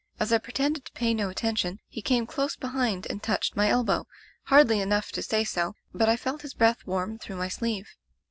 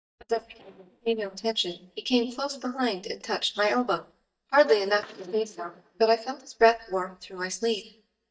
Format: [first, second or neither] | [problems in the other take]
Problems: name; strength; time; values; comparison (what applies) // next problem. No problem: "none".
first | noise reduction (neural mask model DeepFilterNet 3)